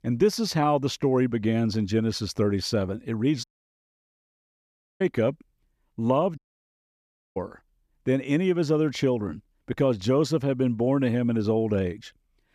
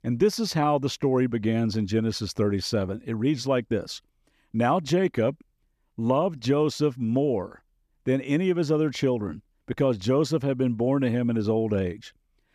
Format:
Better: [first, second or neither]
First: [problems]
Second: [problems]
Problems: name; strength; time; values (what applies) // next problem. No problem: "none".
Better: second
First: audio cutting out; at 3.5 s for 1.5 s and at 6.5 s for 1 s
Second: none